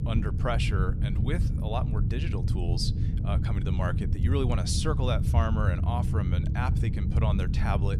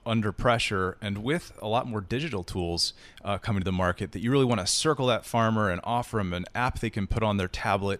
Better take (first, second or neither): second